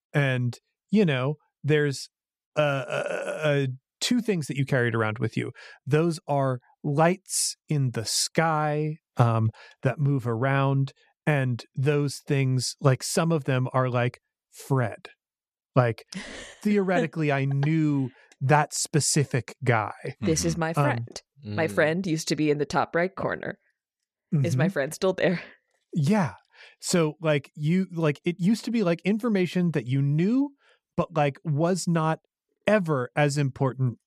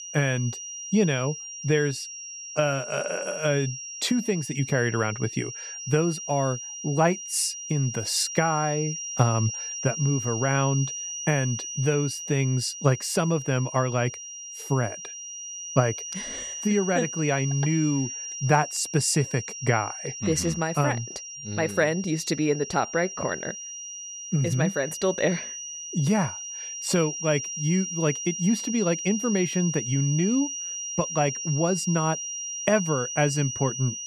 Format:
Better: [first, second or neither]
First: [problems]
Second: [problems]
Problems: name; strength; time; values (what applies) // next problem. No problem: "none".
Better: first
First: none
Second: high-pitched whine; loud; throughout; 5.5 kHz, 7 dB below the speech